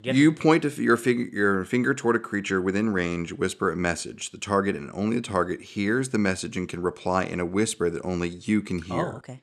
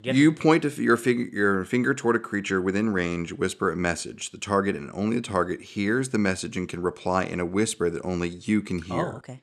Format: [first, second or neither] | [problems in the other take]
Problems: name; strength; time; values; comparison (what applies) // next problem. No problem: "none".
neither | none